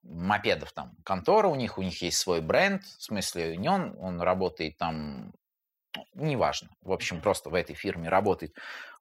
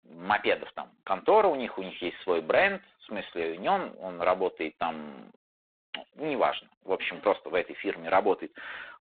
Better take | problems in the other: first | phone-call audio; poor line; nothing above 4 kHz

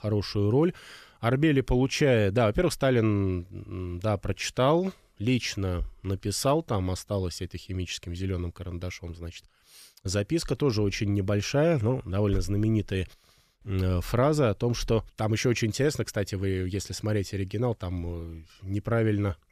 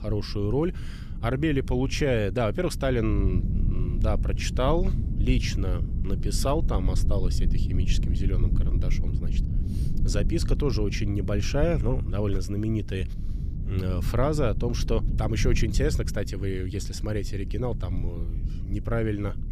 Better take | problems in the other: first | low rumble; noticeable; throughout; 15 dB below the speech

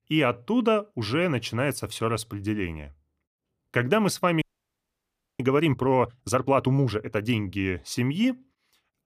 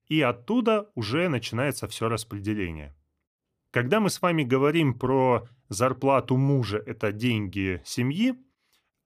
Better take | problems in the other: second | audio freezing; at 4.5 s for 1 s

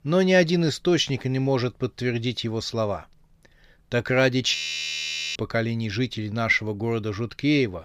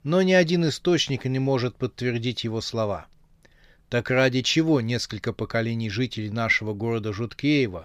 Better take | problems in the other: second | audio freezing; at 4.5 s for 1 s

